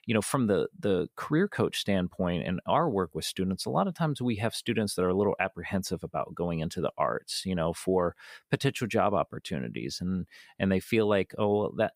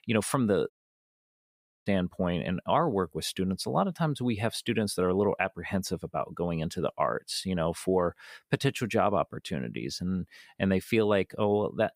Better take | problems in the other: first | audio cutting out; at 0.5 s for 1 s

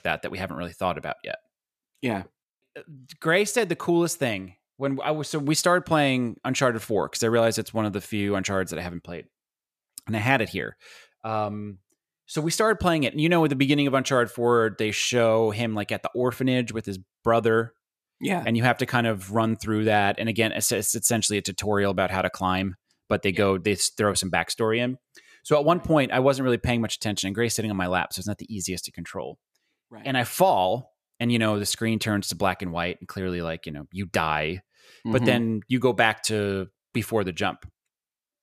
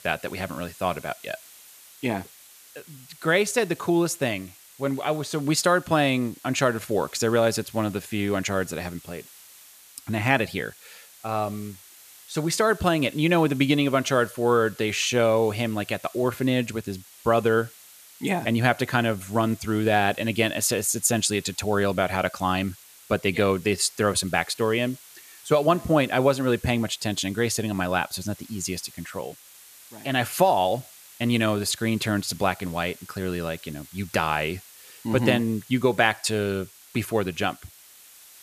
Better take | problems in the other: first | hiss; faint; throughout; 20 dB below the speech

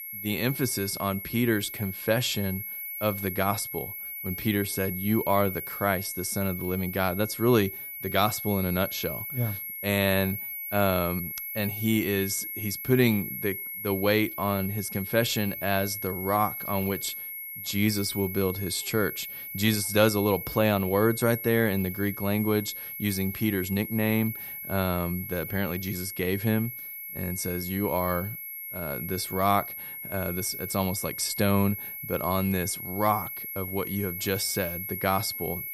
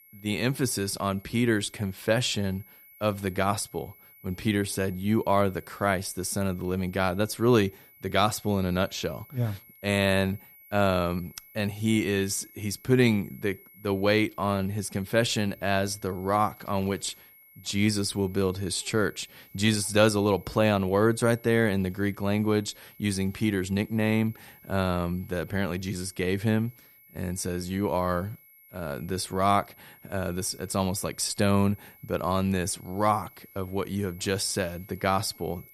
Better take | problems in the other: second | high-pitched whine; loud; throughout; 11.5 kHz, 6 dB below the speech; faint in the second

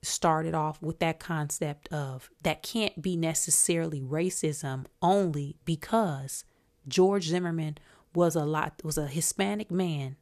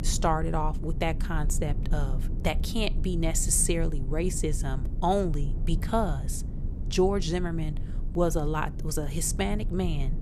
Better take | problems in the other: first | low rumble; noticeable; throughout; 15 dB below the speech

